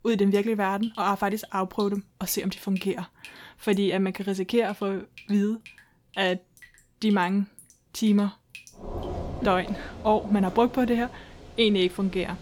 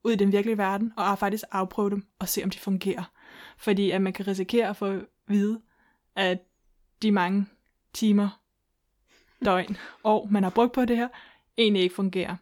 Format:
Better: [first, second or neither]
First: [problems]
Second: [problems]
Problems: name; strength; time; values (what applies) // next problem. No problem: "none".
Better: second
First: rain or running water; noticeable; throughout; 15 dB below the speech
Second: none